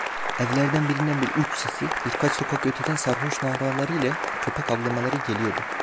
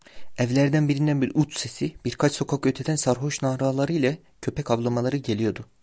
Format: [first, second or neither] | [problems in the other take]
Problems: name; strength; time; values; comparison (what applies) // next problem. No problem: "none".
second | background sound (Applause); 2 dB below the speech